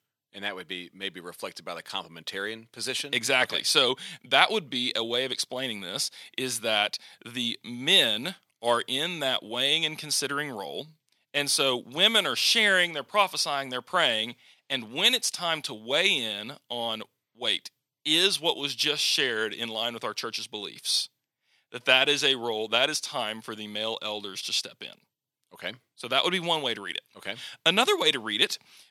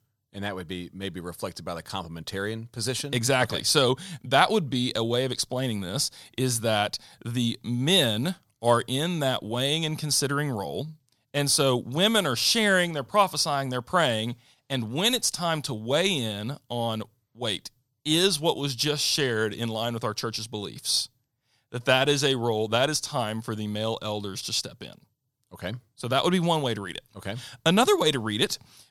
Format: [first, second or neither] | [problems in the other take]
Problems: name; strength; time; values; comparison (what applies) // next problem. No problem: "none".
second | thin; somewhat; fading below 250 Hz